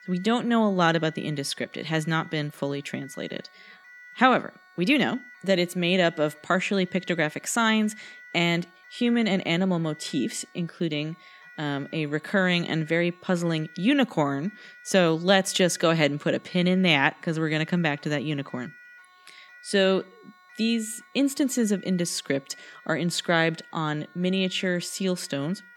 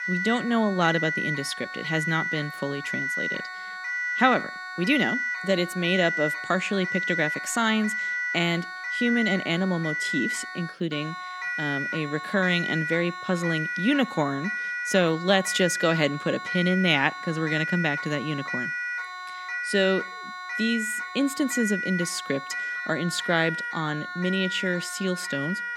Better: first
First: alarms or sirens; faint; throughout; 25 dB below the speech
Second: alarms or sirens; loud; throughout; 4 dB below the speech

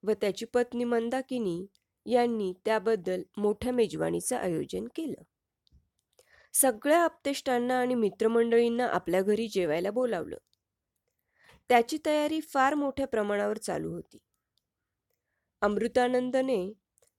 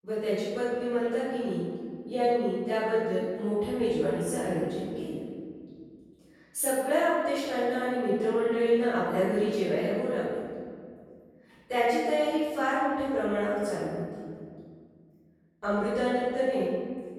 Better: first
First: none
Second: off-mic speech; far // room echo; strong; dies away in 2 s

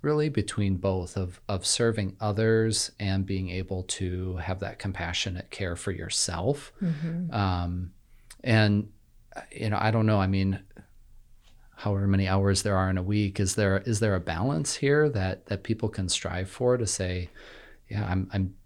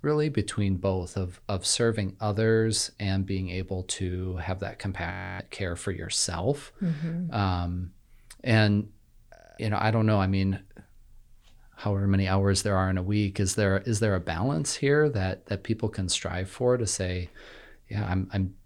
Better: first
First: none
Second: audio freezing; at 5 s and at 9.5 s

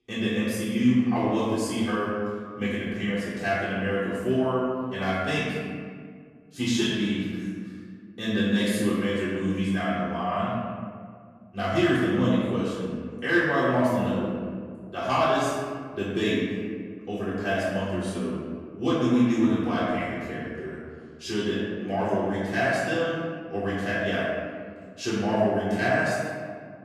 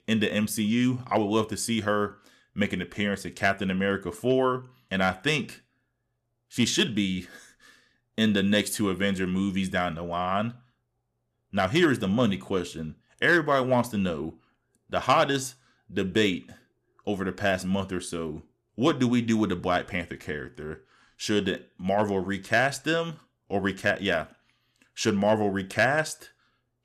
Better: second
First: off-mic speech; far // room echo; strong; dies away in 1.8 s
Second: none

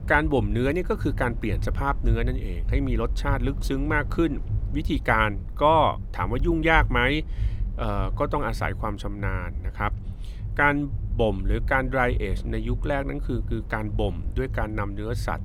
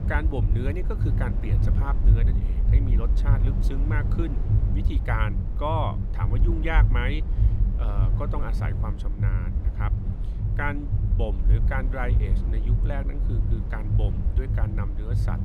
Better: first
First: low rumble; faint; throughout; 20 dB below the speech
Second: low rumble; loud; throughout; 6 dB below the speech

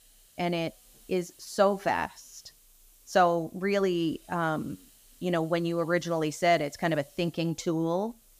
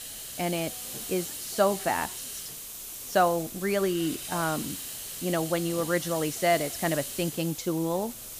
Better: first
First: hiss; faint; throughout; 25 dB below the speech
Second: hiss; loud; throughout; 7 dB below the speech

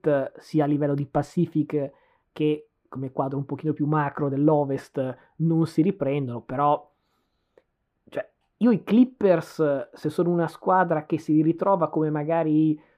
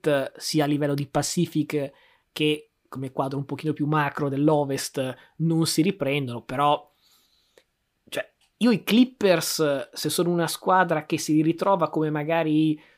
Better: second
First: muffled; very; fading above 2.5 kHz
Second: none

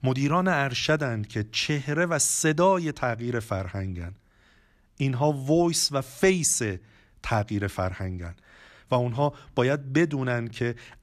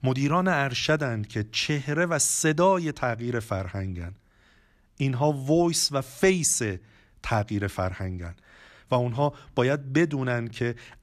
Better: neither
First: none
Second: none

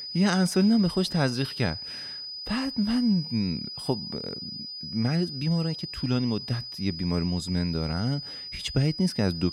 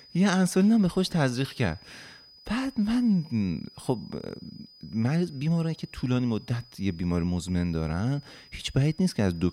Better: second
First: high-pitched whine; loud; throughout; 5 kHz, 8 dB below the speech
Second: high-pitched whine; faint; throughout; 5 kHz, 25 dB below the speech

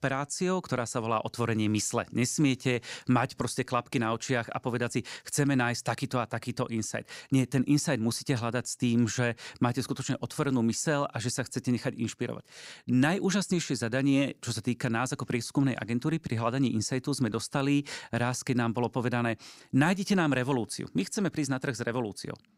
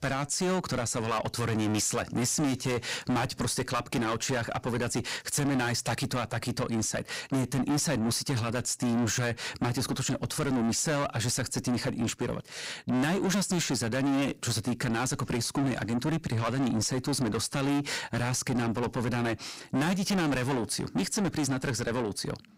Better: first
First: none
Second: distortion; heavy; 5 dB below the speech

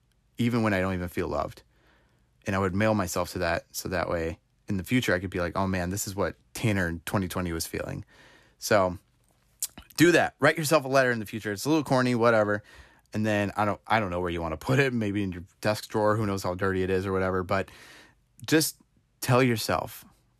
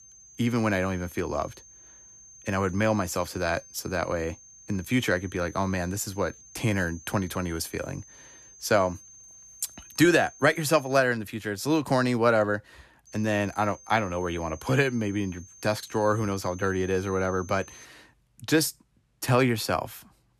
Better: first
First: none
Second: high-pitched whine; faint; until 11 s and from 13 to 18 s; 6.5 kHz, 20 dB below the speech

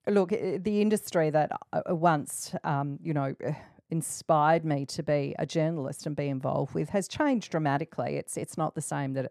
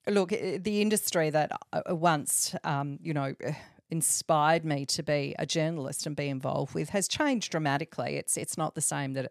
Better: second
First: muffled; slightly; fading above 2 kHz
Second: none

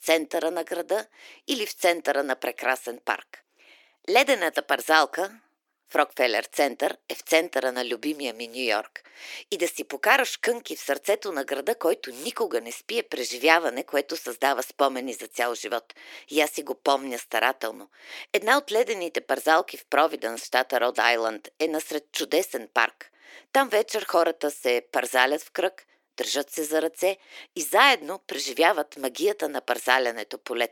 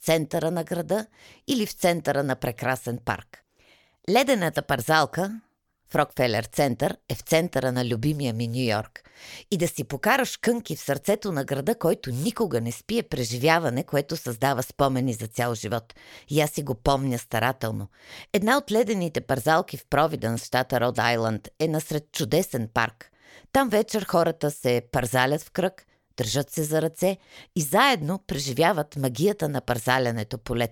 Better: second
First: thin; somewhat; fading below 300 Hz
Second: none

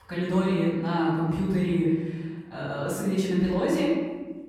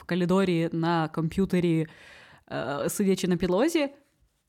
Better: second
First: off-mic speech; far // room echo; noticeable; dies away in 1.4 s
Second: none

